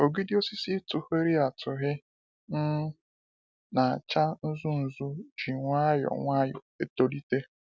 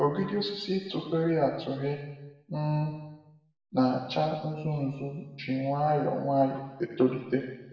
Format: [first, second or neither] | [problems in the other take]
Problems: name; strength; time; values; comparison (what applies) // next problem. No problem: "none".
first | room echo; dies away in 1.1 s